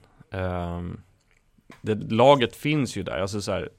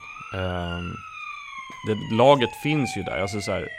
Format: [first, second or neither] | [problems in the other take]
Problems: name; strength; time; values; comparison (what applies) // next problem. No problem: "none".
first | siren; noticeable; peak 9 dB below the speech